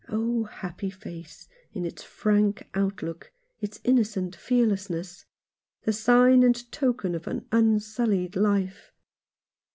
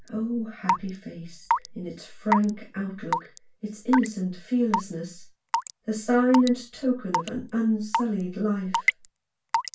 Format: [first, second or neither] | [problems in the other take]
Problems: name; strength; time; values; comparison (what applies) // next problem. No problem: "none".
first | background sound (Raindrop / Drip / Water tap, faucet); 4 dB below the speech // room echo; dies away in 0.2 s